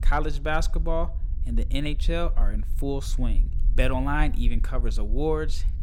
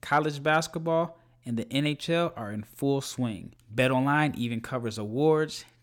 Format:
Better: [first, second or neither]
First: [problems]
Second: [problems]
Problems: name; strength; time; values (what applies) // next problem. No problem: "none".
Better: second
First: low rumble; faint; throughout; 20 dB below the speech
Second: none